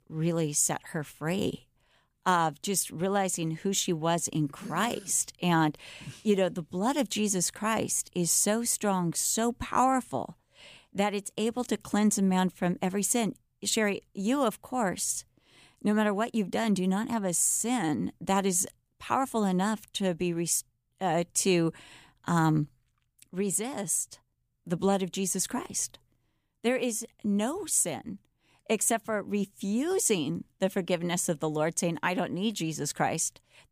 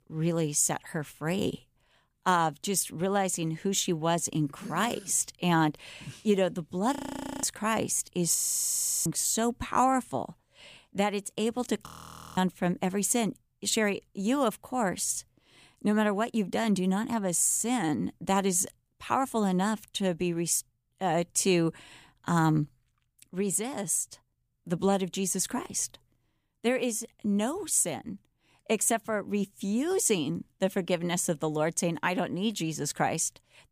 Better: first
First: none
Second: audio freezing; at 7 s, at 8.5 s for 0.5 s and at 12 s for 0.5 s

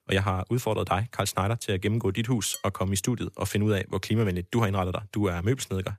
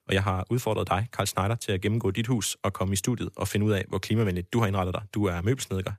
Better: second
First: clattering dishes; very faint; at 2.5 s; peak 10 dB below the speech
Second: none

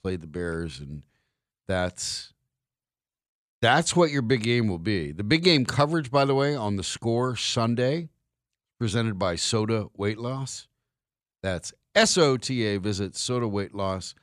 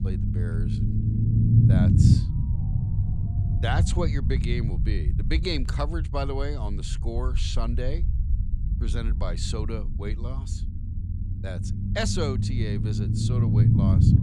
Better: first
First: none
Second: low rumble; loud; throughout; 2 dB below the speech

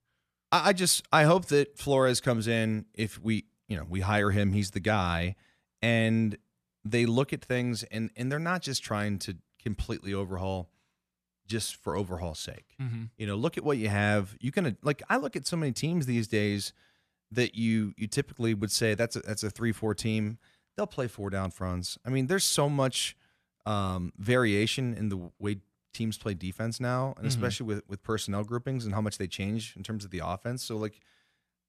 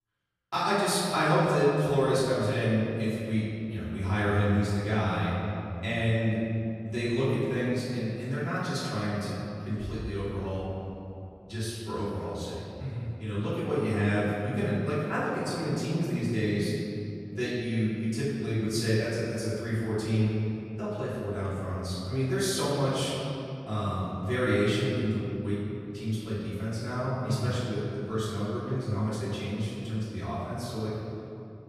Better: first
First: none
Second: off-mic speech; far // room echo; strong; dies away in 2.8 s

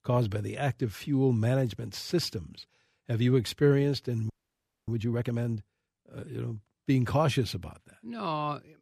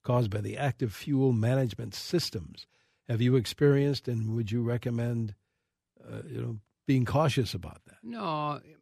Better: second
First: audio freezing; at 4.5 s for 0.5 s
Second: none

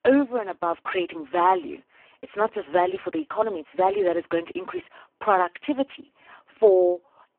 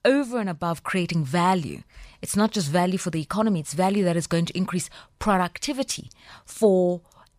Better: second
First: phone-call audio; poor line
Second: none

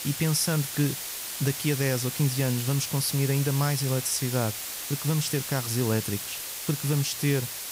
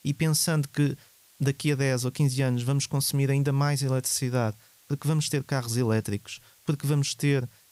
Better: second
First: hiss; loud; throughout; 5 dB below the speech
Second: hiss; faint; throughout; 30 dB below the speech

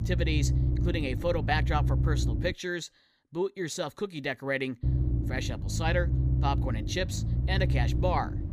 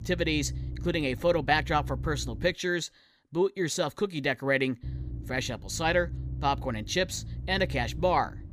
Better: second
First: low rumble; loud; until 2.5 s and from 5 s on; 9 dB below the speech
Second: low rumble; faint; until 2.5 s and from 5 s on; 20 dB below the speech

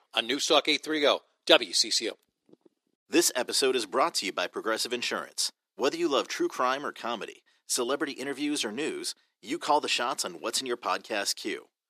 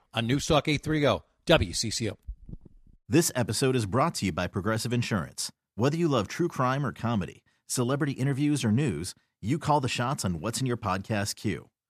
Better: second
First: thin; somewhat; fading below 350 Hz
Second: none

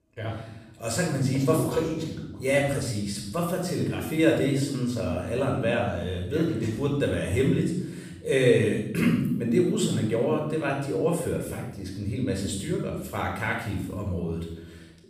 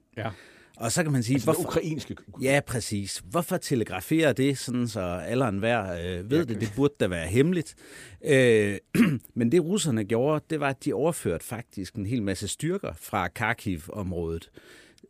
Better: second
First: off-mic speech; far // room echo; noticeable; dies away in 0.8 s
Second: none

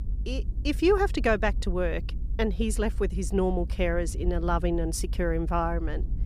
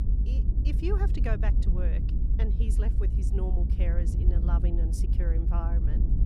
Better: first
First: low rumble; faint; throughout; 20 dB below the speech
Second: low rumble; loud; throughout; 4 dB below the speech

